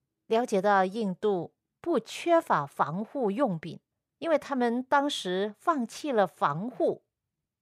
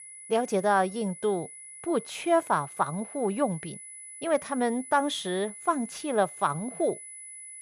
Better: first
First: none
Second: high-pitched whine; noticeable; throughout; 10 kHz, 15 dB below the speech

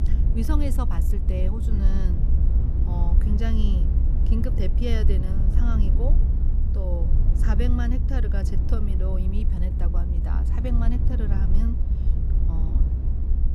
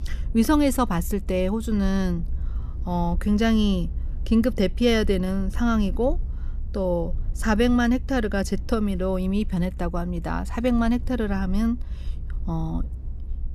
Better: second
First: low rumble; loud; throughout; 4 dB below the speech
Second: low rumble; faint; throughout; 25 dB below the speech

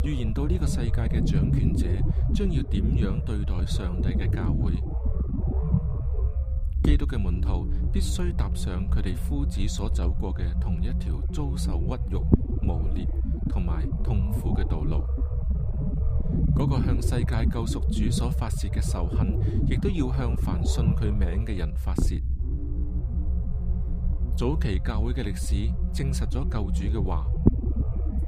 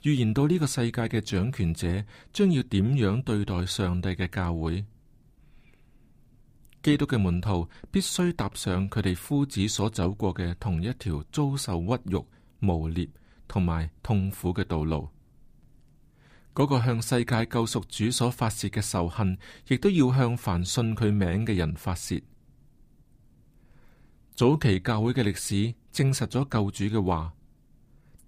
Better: second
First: low rumble; loud; throughout; 2 dB below the speech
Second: none

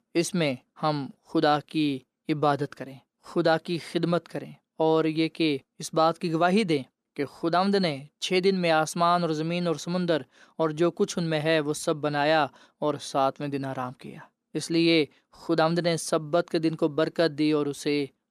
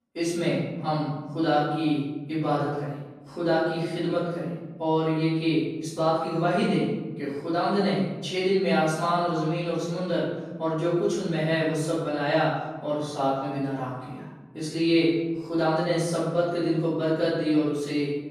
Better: first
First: none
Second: off-mic speech; far // room echo; strong; dies away in 1.2 s

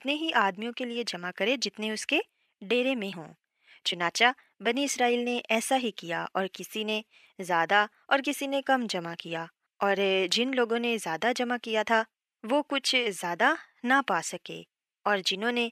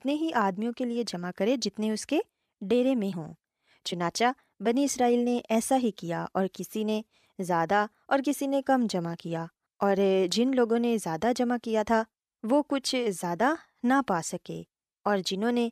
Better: second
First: thin; very slightly; fading below 650 Hz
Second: none

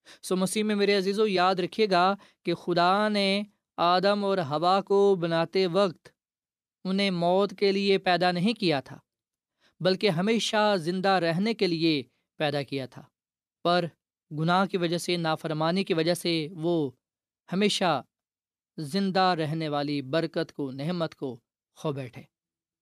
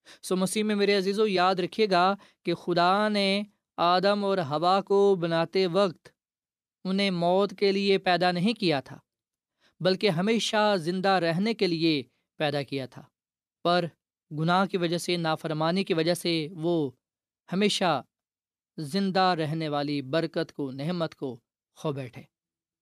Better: neither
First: none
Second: none

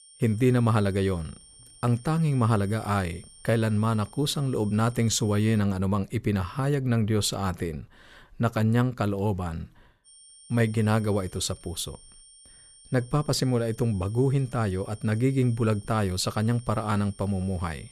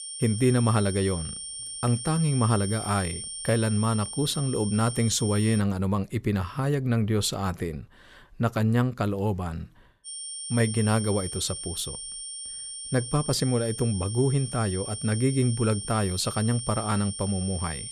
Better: first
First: high-pitched whine; faint; until 5.5 s and from 10 s on; 9 kHz, 25 dB below the speech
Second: high-pitched whine; loud; until 5.5 s and from 10 s on; 9 kHz, 8 dB below the speech

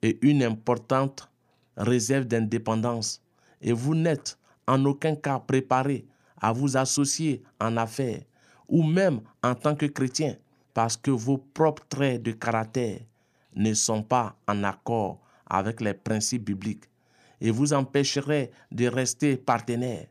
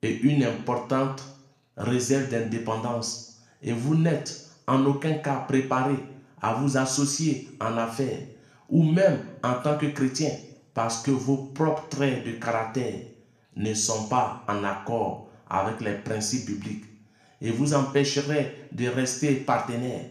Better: first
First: none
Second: room echo; slight; dies away in 0.6 s

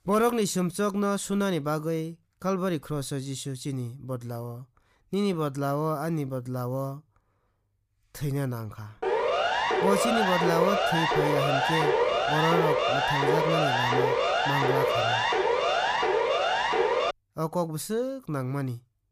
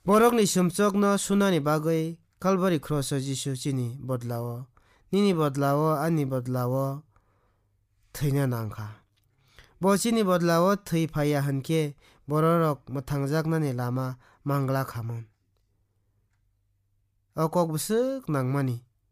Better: second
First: siren; loud; from 9 to 17 s; peak 6 dB above the speech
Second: none

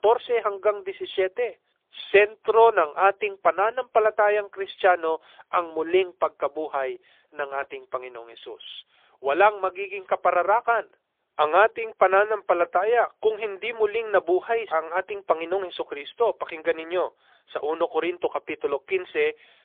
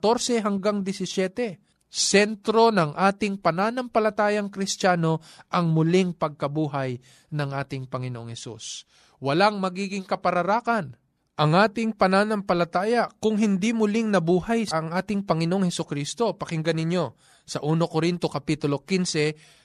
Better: second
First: phone-call audio; poor line; nothing above 3.5 kHz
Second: none

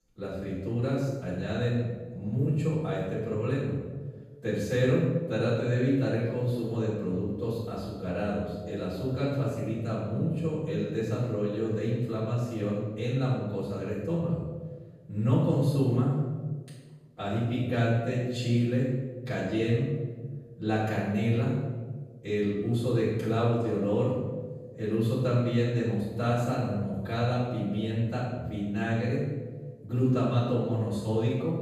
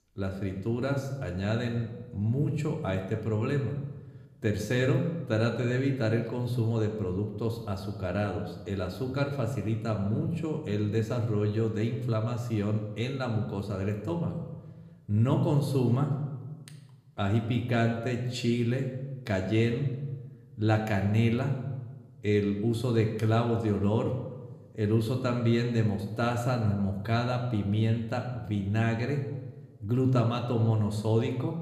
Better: second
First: room echo; strong; dies away in 1.2 s // off-mic speech; far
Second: room echo; slight; dies away in 0.9 s // off-mic speech; somewhat distant

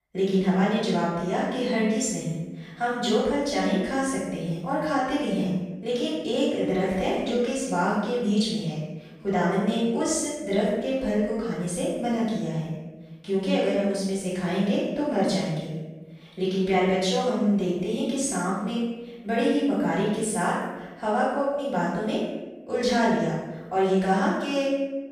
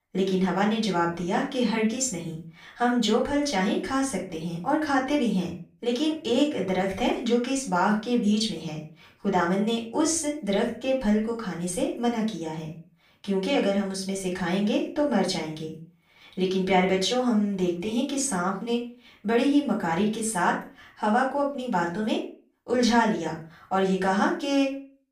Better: second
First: room echo; strong; dies away in 1 s // off-mic speech; far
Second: room echo; slight; dies away in 0.3 s // off-mic speech; far

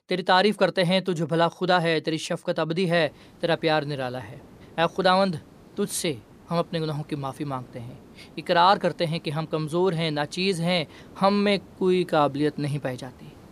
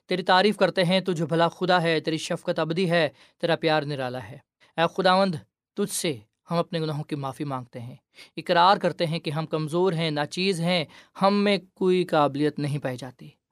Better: second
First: hiss; faint; from 3 s on; 25 dB below the speech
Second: none

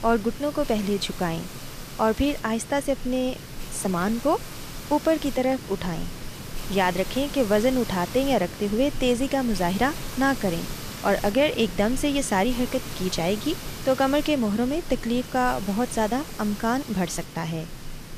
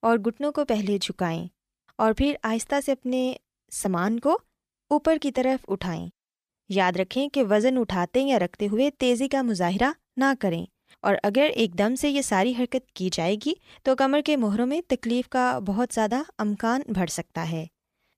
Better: second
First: hiss; noticeable; throughout; 10 dB below the speech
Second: none

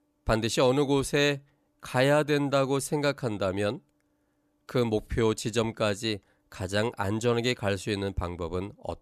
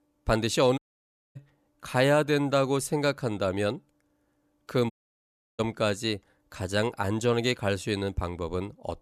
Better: first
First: none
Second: audio cutting out; at 1 s for 0.5 s and at 5 s for 0.5 s

